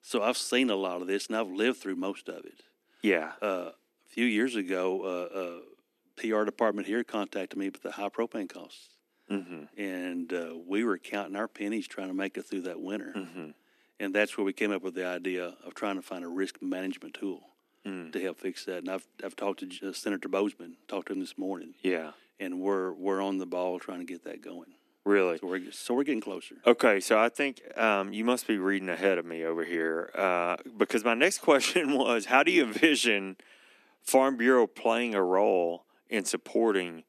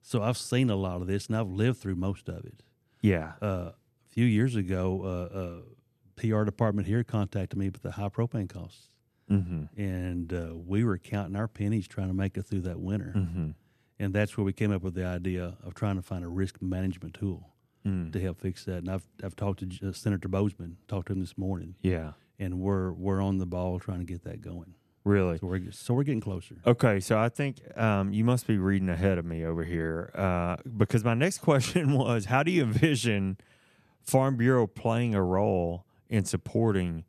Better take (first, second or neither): second